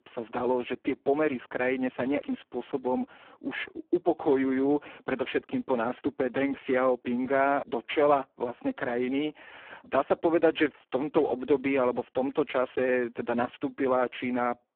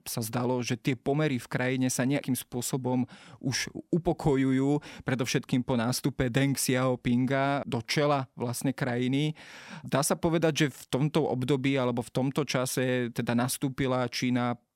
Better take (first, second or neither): second